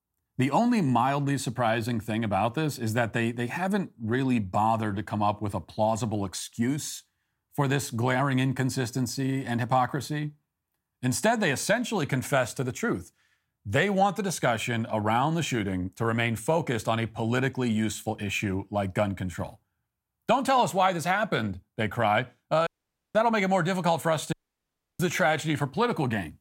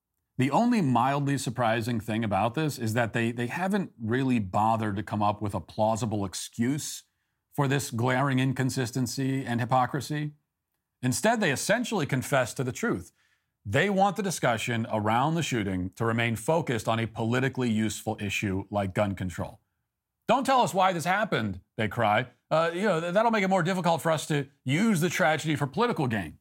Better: second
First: audio cutting out; at 23 s and at 24 s for 0.5 s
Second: none

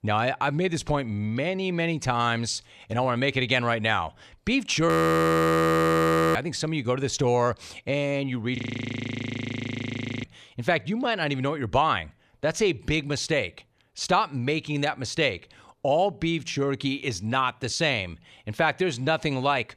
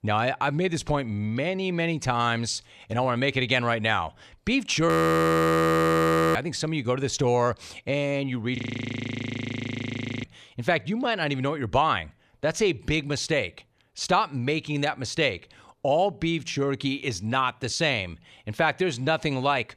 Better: neither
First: audio freezing; at 5 s for 1.5 s and at 8.5 s for 1.5 s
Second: audio freezing; at 5 s for 1.5 s and at 8.5 s for 1.5 s

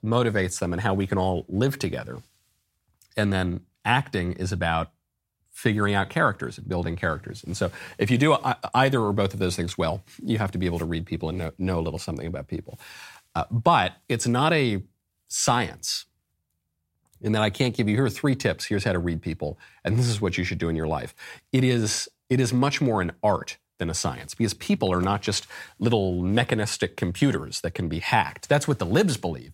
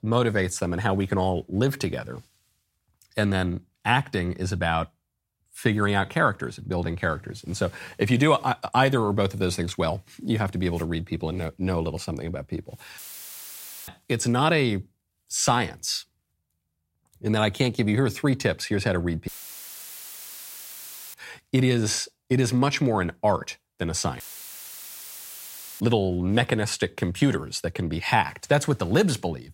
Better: first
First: none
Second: audio cutting out; filled with static; at 13 s for 1 s, at 19 s for 2 s and at 24 s for 1.5 s

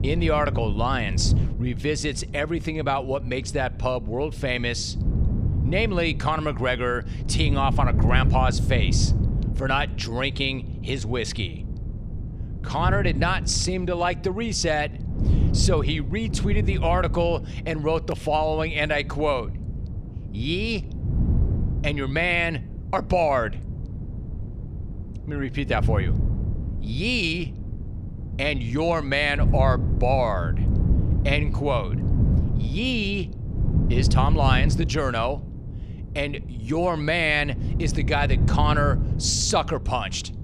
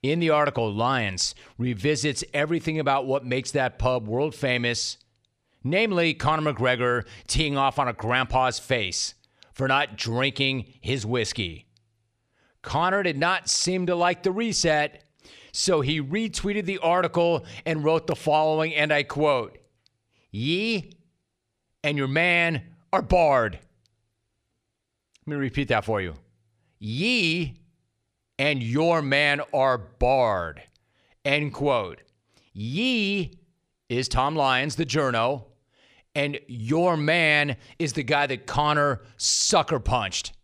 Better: second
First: wind noise on the microphone; occasional gusts; 15 dB below the speech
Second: none

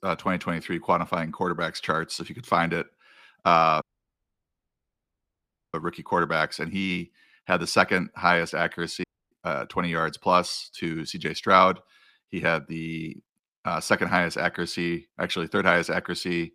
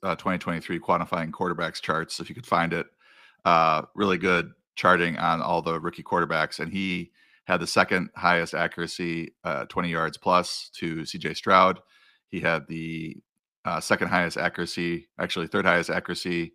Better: second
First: audio cutting out; at 4 s for 2 s and at 9 s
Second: none

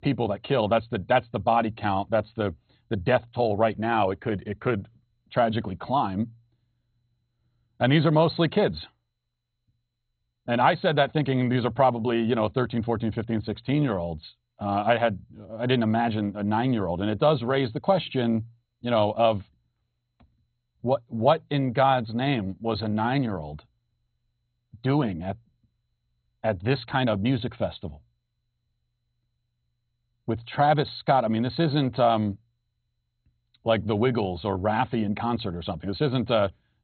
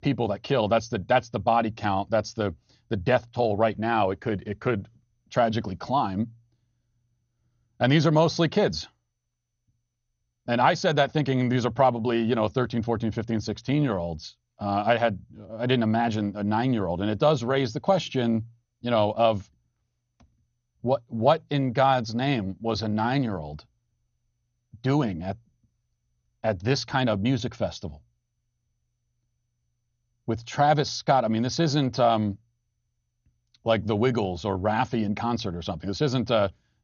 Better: second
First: garbled, watery; badly; nothing above 4 kHz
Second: garbled, watery; slightly; nothing above 6.5 kHz

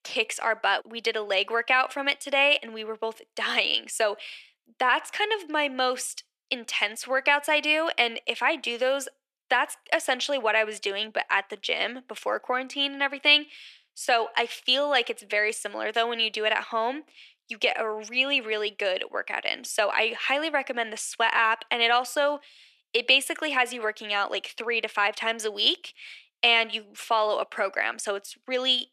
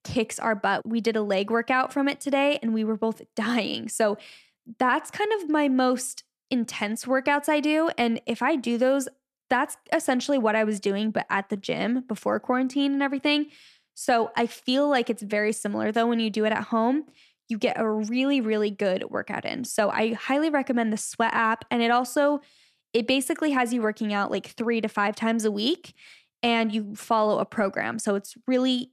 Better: second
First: thin; very; fading below 450 Hz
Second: none

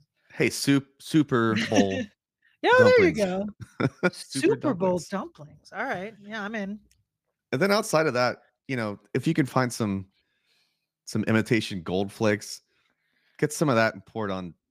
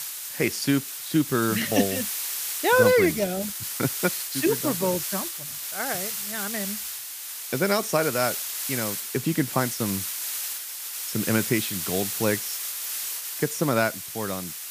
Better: first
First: none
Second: hiss; loud; throughout; 3 dB below the speech

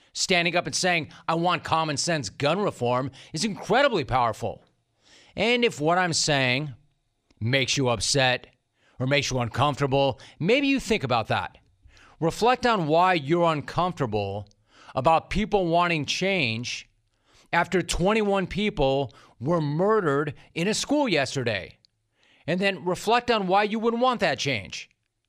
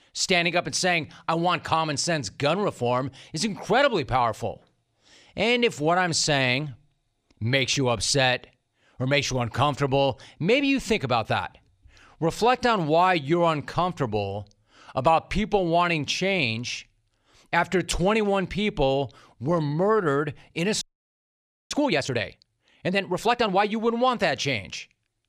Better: first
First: none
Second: audio freezing; at 21 s for 1 s

